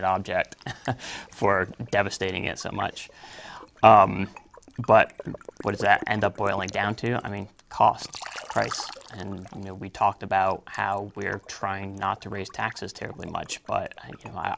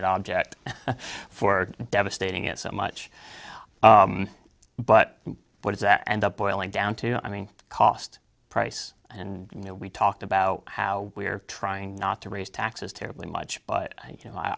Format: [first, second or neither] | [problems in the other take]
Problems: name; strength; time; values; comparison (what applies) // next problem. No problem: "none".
second | background sound (Liquid); 19 dB below the speech